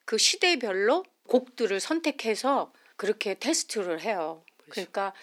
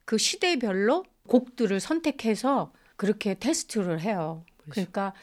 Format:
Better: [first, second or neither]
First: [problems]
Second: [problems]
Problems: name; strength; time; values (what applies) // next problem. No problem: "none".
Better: second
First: thin; somewhat; fading below 300 Hz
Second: none